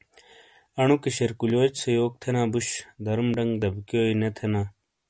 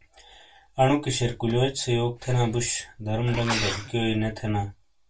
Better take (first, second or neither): first